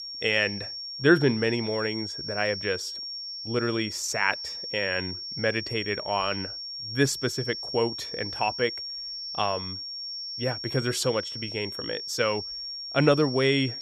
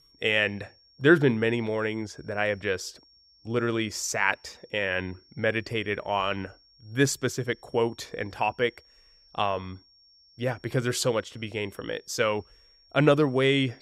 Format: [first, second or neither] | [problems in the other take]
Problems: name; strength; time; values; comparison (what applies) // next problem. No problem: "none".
second | high-pitched whine; loud; throughout; 5.5 kHz, 6 dB below the speech; faint in the second